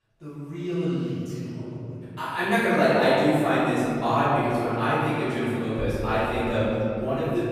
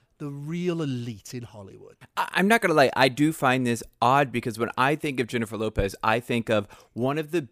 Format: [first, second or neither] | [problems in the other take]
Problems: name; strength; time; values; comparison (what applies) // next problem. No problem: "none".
second | off-mic speech; far // room echo; strong; dies away in 3 s